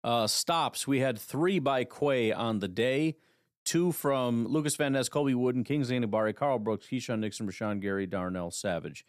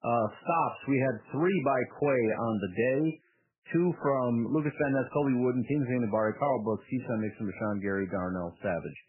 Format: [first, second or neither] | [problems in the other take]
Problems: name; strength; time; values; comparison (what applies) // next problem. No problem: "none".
first | garbled, watery; badly; nothing above 3 kHz